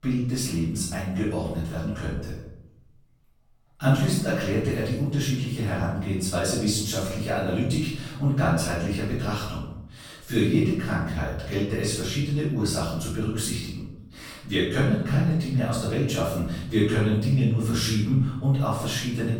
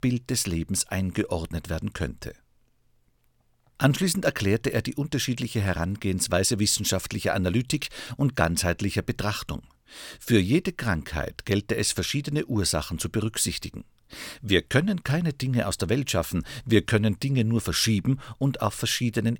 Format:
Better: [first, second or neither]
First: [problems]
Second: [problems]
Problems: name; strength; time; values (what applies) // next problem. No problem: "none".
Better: second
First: off-mic speech; far // room echo; noticeable; dies away in 0.8 s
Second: none